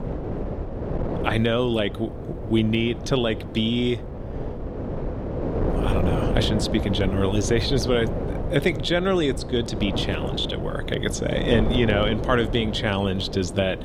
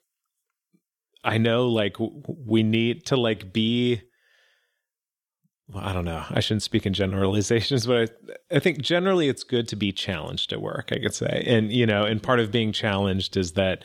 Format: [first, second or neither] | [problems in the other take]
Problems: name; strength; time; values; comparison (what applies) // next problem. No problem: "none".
second | wind noise on the microphone; heavy; 7 dB below the speech